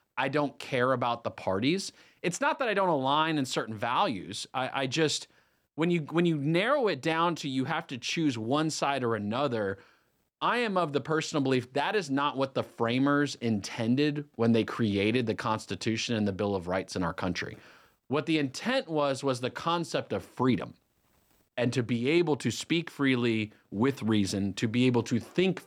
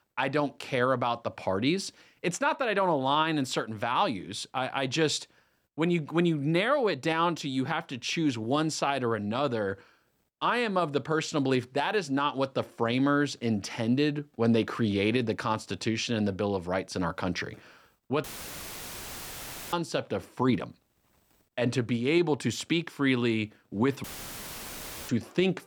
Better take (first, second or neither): first